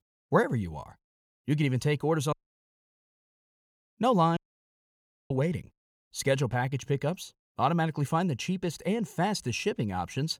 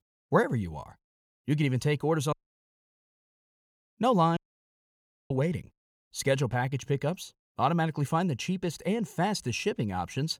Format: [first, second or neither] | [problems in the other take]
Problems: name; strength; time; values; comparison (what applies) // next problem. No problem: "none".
neither | audio cutting out; at 2.5 s for 1.5 s and at 4.5 s for 1 s; the same in both